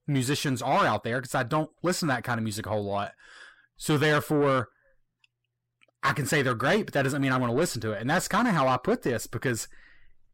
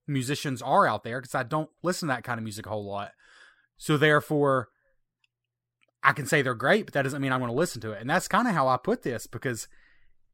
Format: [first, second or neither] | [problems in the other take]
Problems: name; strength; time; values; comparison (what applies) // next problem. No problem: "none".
second | distortion; heavy; 7 dB below the speech